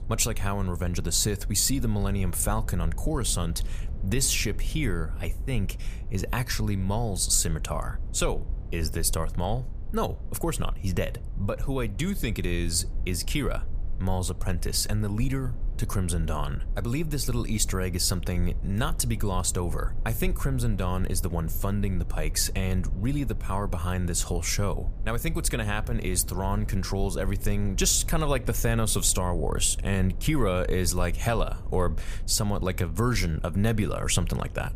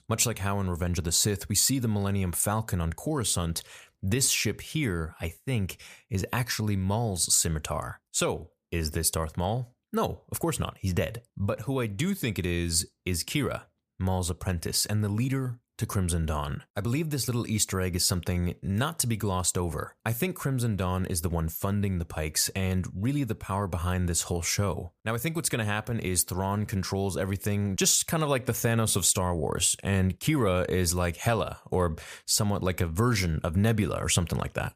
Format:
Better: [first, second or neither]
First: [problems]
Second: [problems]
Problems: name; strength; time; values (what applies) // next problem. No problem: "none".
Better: second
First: low rumble; faint; throughout; 20 dB below the speech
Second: none